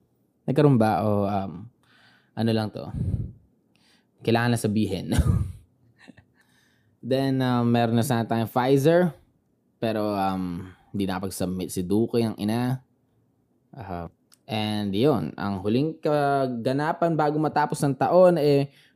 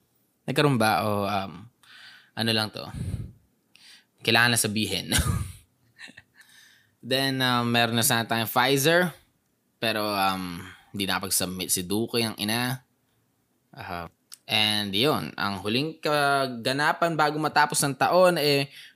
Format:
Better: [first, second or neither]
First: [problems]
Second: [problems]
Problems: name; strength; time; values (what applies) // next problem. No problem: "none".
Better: second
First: muffled; slightly; fading above 1 kHz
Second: none